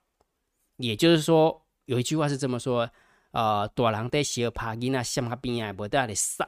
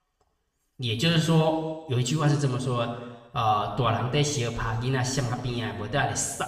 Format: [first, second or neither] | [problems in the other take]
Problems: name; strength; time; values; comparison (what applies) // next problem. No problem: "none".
first | room echo; noticeable; dies away in 1 s // off-mic speech; somewhat distant